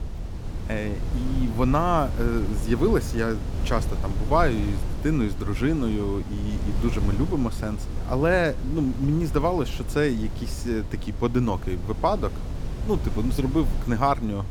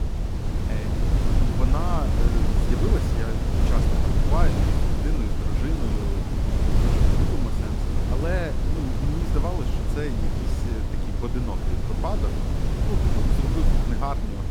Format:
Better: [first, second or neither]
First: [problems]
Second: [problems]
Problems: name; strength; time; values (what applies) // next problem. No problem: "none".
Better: first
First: wind noise on the microphone; occasional gusts; 15 dB below the speech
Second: wind noise on the microphone; heavy; 1 dB above the speech